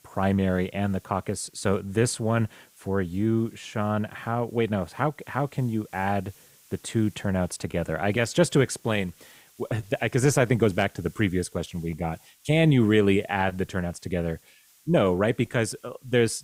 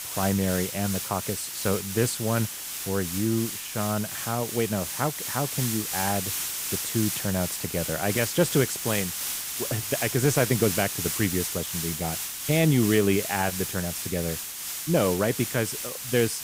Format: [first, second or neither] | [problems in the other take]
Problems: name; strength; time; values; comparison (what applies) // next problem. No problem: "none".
first | hiss; loud; throughout; 3 dB below the speech; faint in the first